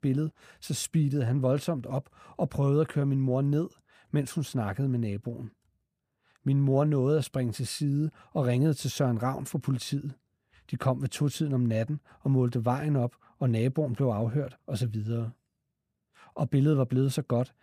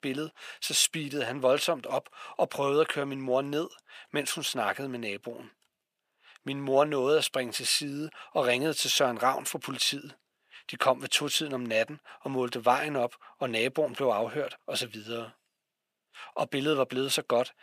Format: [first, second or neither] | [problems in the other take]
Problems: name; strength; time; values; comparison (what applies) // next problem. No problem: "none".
first | thin; very; fading below 550 Hz